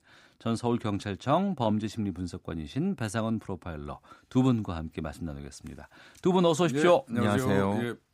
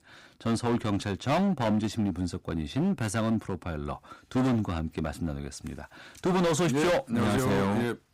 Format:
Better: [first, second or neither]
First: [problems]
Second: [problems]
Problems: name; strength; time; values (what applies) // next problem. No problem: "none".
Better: first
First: none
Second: distortion; heavy; 14% of the sound clipped